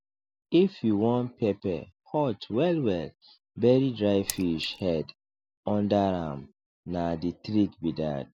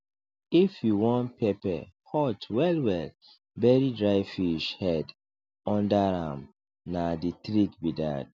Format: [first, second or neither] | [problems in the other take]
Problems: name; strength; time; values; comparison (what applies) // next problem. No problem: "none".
second | noise reduction (neural mask model Resemble Enhance denoiser)